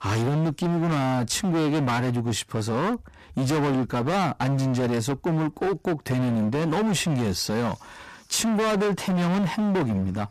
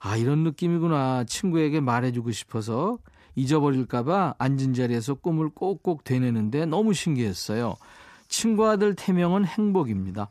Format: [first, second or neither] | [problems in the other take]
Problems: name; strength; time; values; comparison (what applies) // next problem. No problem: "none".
second | distortion; heavy; 34% of the sound clipped